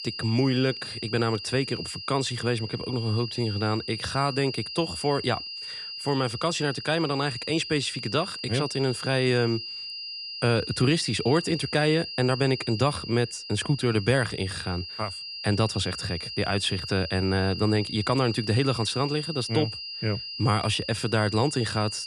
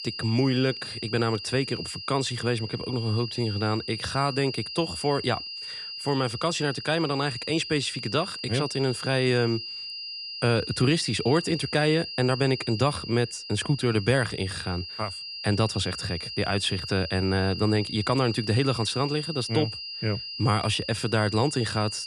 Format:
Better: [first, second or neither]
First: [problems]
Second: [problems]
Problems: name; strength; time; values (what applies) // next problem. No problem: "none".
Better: neither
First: high-pitched whine; loud; throughout; 5 kHz, 8 dB below the speech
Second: high-pitched whine; loud; throughout; 5 kHz, 8 dB below the speech